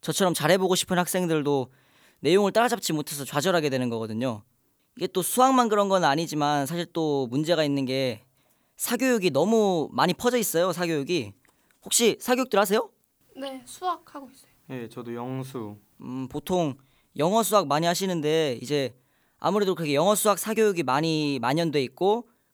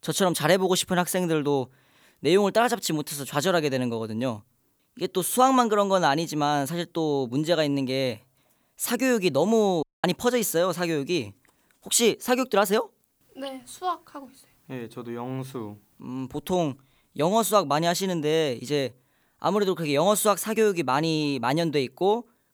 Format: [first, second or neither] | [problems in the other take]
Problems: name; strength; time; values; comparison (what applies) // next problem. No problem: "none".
first | audio cutting out; at 10 s